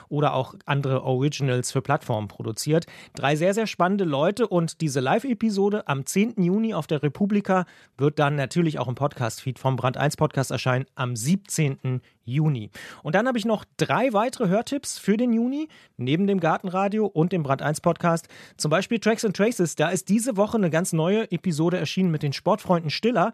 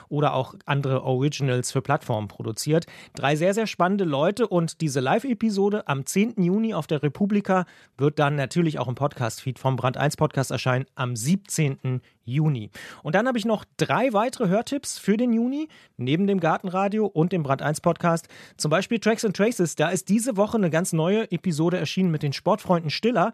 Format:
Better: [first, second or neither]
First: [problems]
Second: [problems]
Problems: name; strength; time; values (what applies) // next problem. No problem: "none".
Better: neither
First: none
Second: none